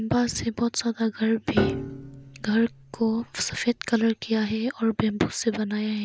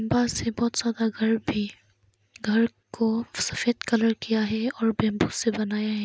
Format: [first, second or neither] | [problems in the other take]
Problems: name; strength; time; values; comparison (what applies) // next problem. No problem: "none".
second | background sound (Piano); 8 dB below the speech